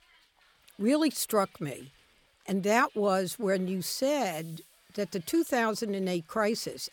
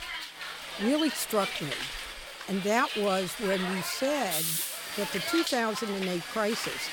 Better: first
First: hiss; faint; throughout; 30 dB below the speech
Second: hiss; loud; throughout; 3 dB below the speech

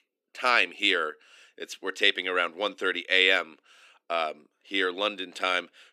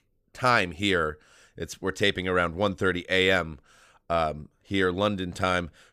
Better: second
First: thin; somewhat; fading below 300 Hz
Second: none

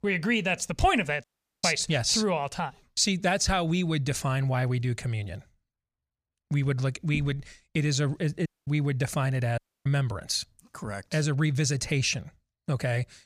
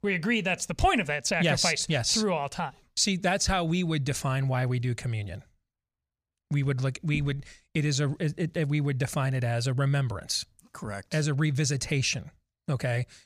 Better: second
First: audio cutting out; at 1 s, at 8.5 s and at 9.5 s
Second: none

